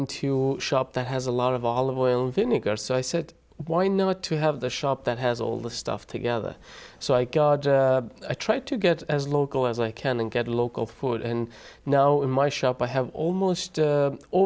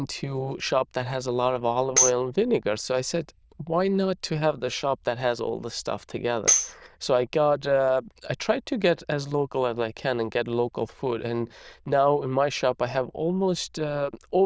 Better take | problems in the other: first | noise reduction (neural diffusion model UNIVERSE++)

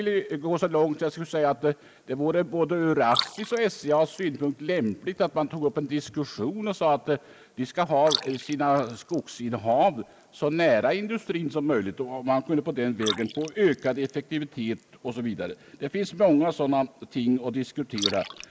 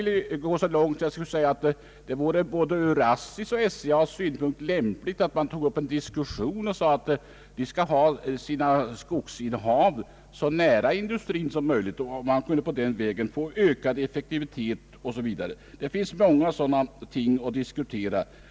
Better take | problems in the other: second | noise reduction (neural mask model Resemble Enhance denoiser)

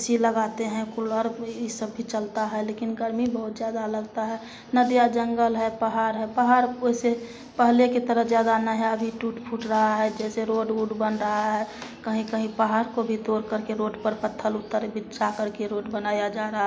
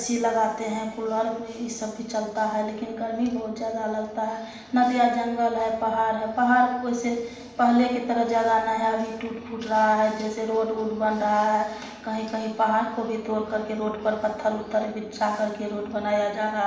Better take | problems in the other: first | room echo; dies away in 1 s

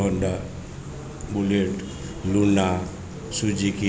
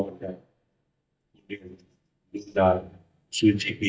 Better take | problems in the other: first | noise reduction (neural mask model DeepFilterNet 3)

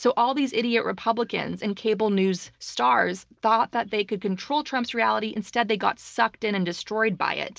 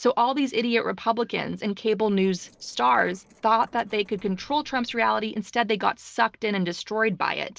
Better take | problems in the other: first | noise reduction (neural separator model SepFormer DNS4)

